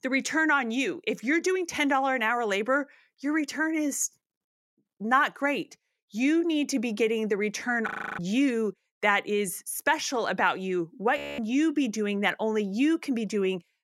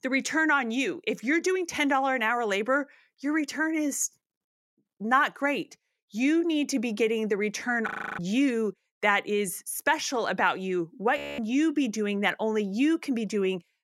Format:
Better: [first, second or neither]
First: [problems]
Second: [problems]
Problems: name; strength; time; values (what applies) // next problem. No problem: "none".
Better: neither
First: audio freezing; at 8 s and at 11 s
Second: audio freezing; at 8 s and at 11 s